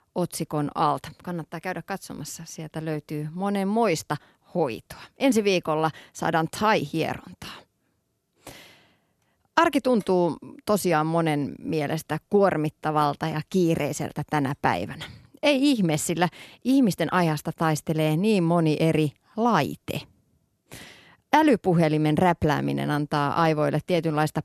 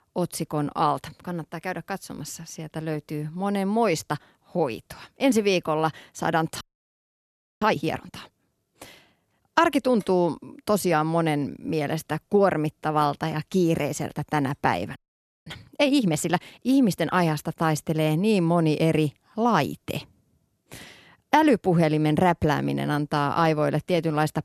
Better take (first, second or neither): first